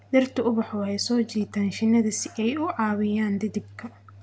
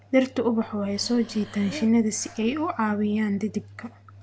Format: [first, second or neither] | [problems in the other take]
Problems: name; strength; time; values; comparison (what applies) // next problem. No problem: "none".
first | background sound (Breathing); 19 dB below the speech